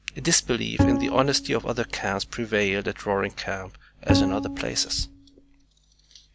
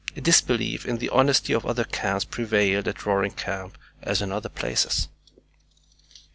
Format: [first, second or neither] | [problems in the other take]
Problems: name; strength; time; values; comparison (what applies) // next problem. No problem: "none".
second | background sound (Bowed string instrument); as loud as the speech